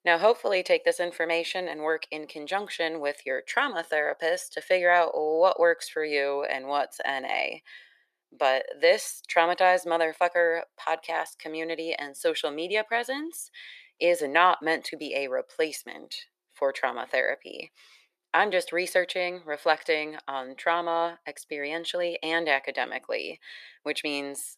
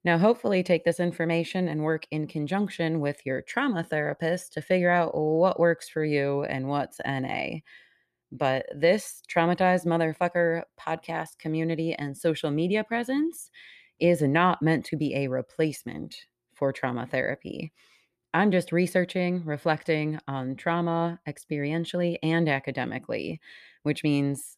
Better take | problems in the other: second | thin; very; fading below 500 Hz

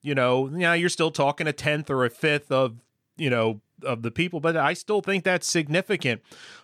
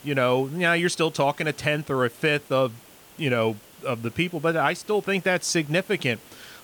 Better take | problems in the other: first | hiss; faint; throughout; 25 dB below the speech

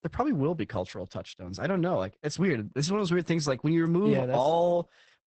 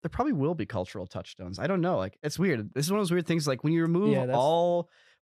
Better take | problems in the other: second | garbled, watery; badly; nothing above 8 kHz

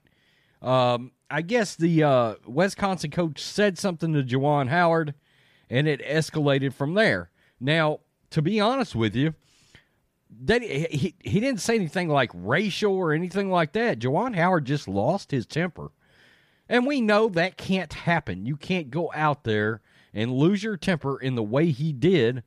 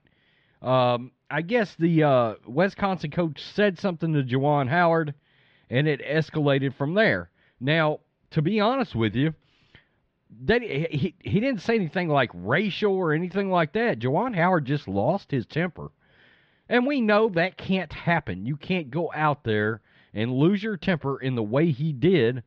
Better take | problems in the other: first | muffled; slightly; fading above 4 kHz

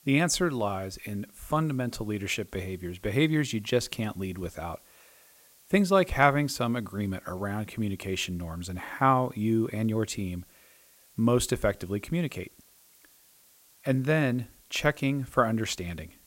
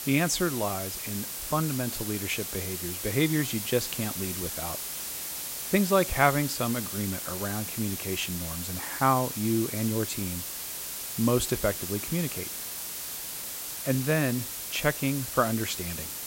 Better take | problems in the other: first | hiss; loud; throughout; 4 dB below the speech; faint in the first

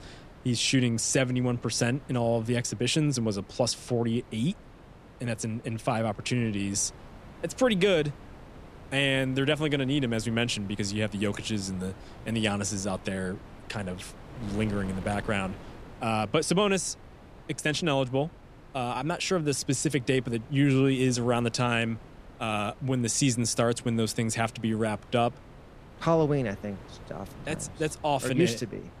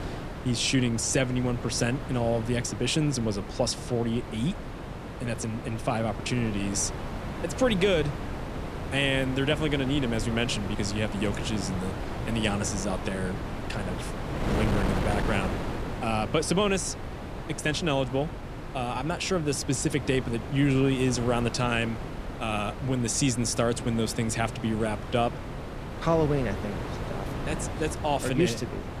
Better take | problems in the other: first | wind noise on the microphone; heavy; 8 dB below the speech; occasional gusts in the first

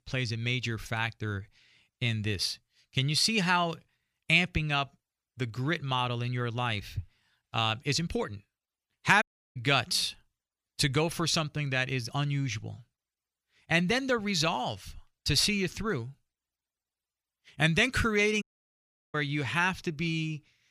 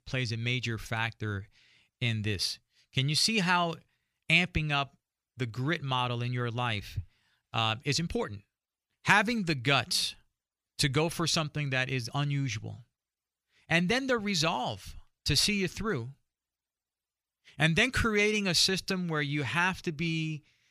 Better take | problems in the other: second | audio cutting out; at 9 s and at 18 s for 0.5 s

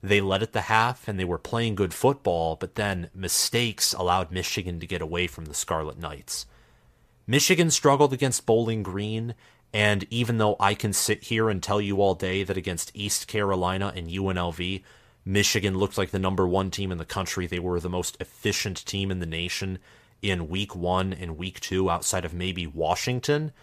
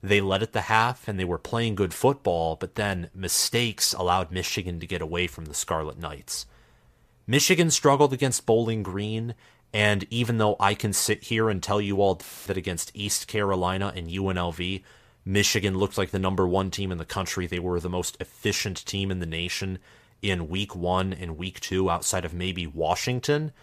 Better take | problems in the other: first | audio cutting out; filled with static; at 12 s

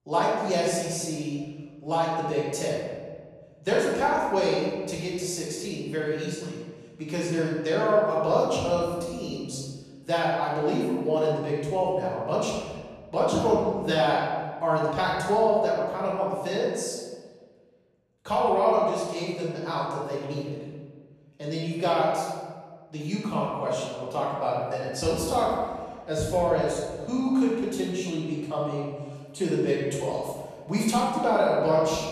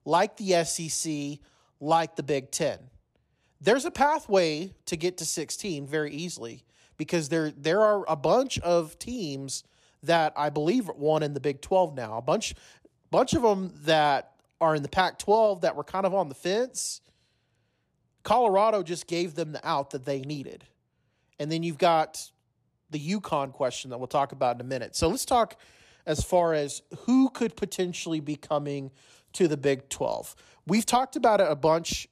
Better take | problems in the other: second | room echo; noticeable; dies away in 1.4 s // off-mic speech; far

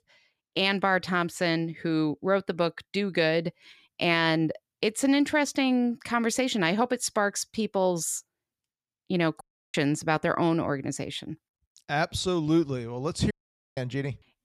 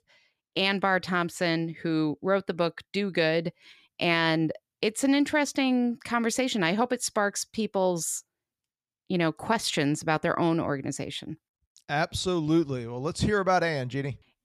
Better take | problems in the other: second | audio cutting out; at 9.5 s and at 13 s

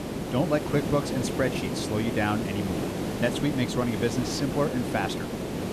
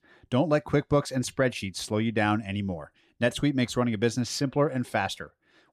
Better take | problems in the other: second | hiss; loud; throughout; 2 dB below the speech

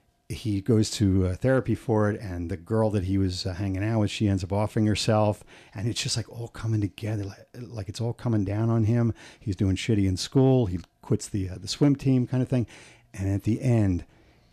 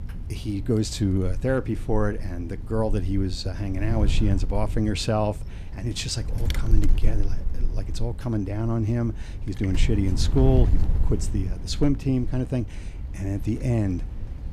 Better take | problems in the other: first | wind noise on the microphone; occasional gusts; 15 dB below the speech

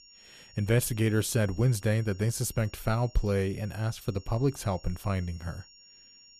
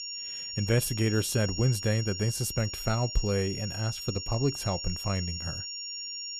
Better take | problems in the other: first | high-pitched whine; loud; throughout; 5.5 kHz, 5 dB below the speech; faint in the first

